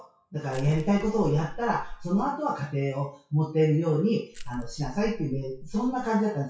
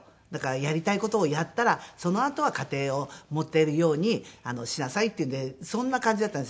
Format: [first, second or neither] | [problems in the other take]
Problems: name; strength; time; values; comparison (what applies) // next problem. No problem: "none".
second | noise reduction (classical method WPE with log-MMSE)